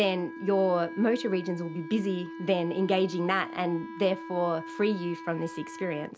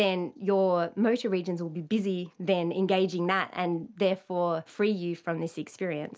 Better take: second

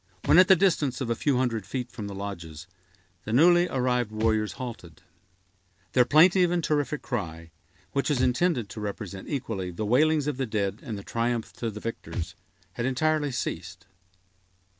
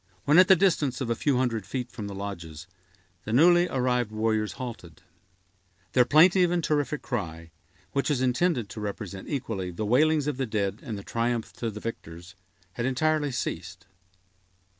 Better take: second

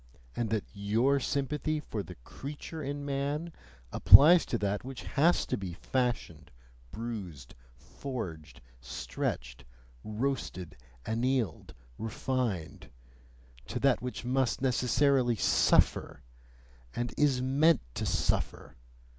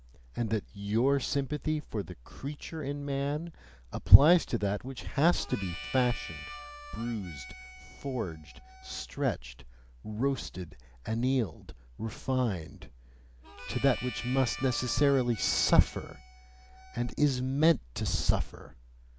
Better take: first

